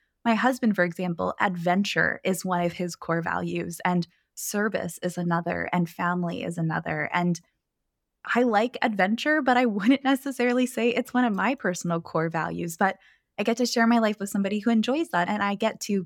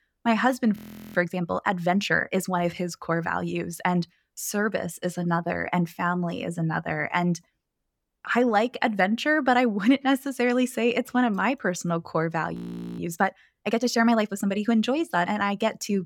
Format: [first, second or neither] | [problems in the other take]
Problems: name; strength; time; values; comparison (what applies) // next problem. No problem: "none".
first | audio freezing; at 1 s and at 13 s